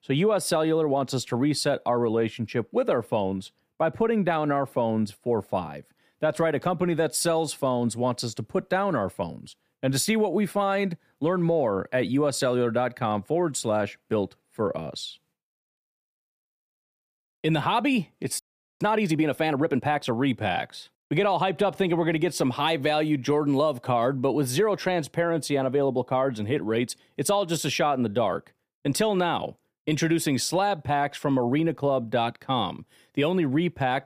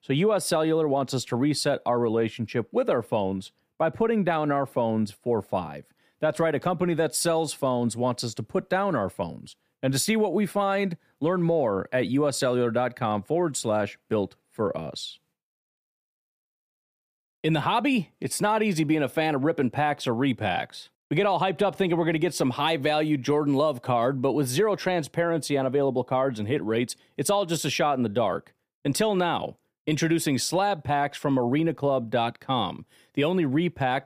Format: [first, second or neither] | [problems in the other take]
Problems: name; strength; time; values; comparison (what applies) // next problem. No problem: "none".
second | audio freezing; at 18 s